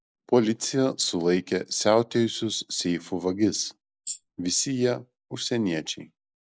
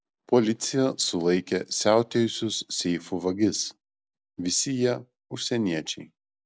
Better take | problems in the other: second | noise reduction (neural mask model Resemble Enhance denoiser)

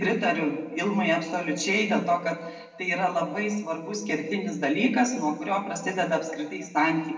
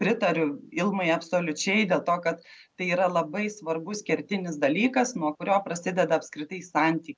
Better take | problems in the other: second | room echo; dies away in 0.9 s

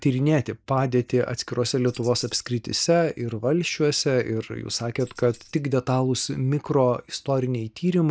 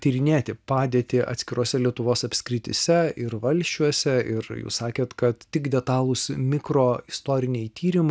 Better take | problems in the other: second | noise reduction (neural mask model Resemble Enhance denoiser)

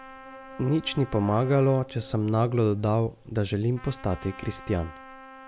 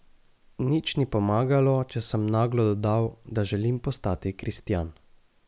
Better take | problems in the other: second | background sound (Boat, Water vehicle + Trumpet); 19 dB below the speech

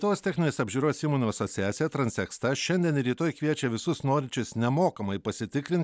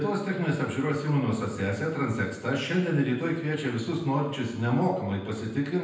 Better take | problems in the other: first | room echo; dies away in 0.9 s

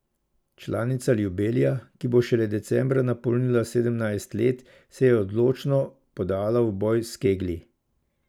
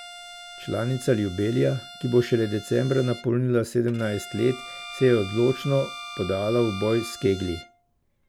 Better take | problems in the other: first | background sound (Bowed string instrument + Bowed string instrument); 15 dB below the speech

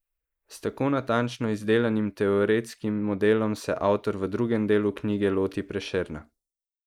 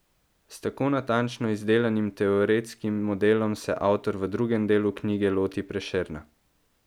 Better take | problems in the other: second | noise reduction (neural mask model Resemble Enhance denoiser)

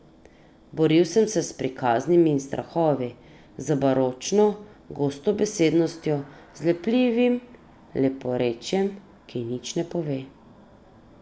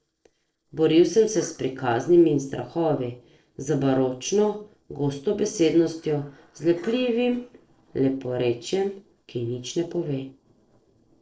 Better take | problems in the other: first | noise reduction (neural separator model SepFormer DNS4)

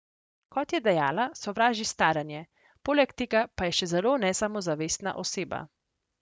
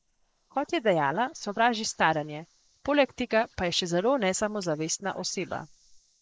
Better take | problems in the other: first | noise reduction (neural mask model Resemble Enhance denoiser)

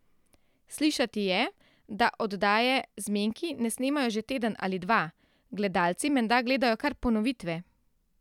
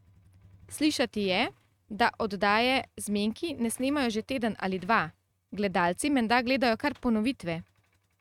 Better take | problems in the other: first | noise reduction (neural mask model RNNoise)

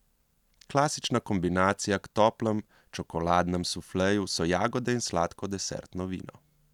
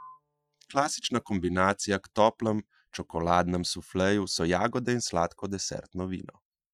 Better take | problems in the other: first | noise reduction (classical method Wiener filter)

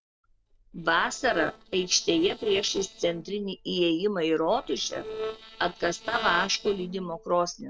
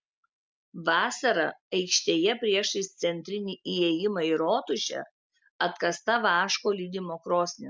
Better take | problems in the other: second | noise reduction (neural separator model SepFormer DNS4)

